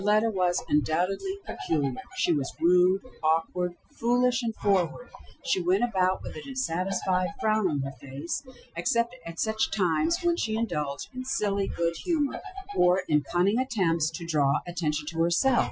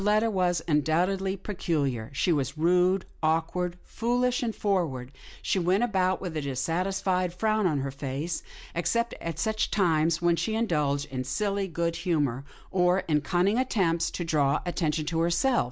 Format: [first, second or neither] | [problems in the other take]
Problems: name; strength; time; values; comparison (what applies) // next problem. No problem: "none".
second | noise reduction (classical method Wiener filter)